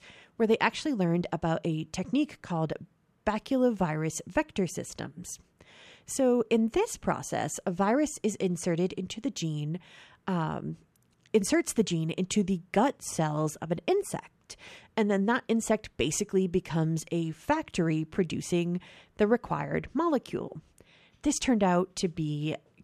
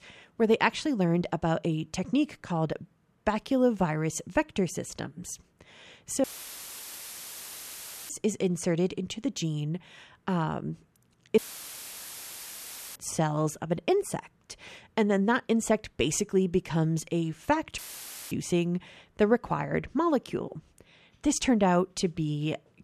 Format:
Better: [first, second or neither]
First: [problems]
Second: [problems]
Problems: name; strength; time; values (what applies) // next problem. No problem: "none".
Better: first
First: none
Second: audio cutting out; filled with static; at 6 s for 2 s, at 11 s for 1.5 s and at 18 s for 0.5 s